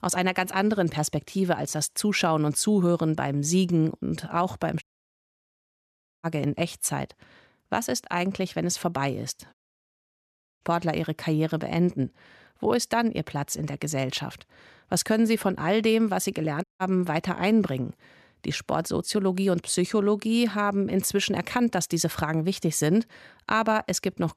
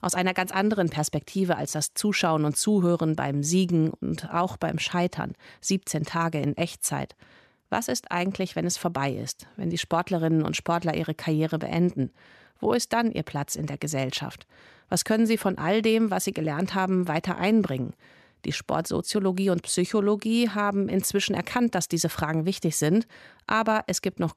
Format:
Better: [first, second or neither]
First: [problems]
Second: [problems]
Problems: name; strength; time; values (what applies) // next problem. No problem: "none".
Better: second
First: audio cutting out; at 5 s for 1.5 s, at 9.5 s for 1 s and at 17 s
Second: none